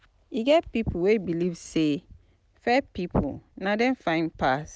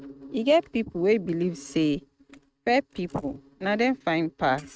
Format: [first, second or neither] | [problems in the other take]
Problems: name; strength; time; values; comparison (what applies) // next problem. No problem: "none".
first | noise reduction (neural mask model RNNoise)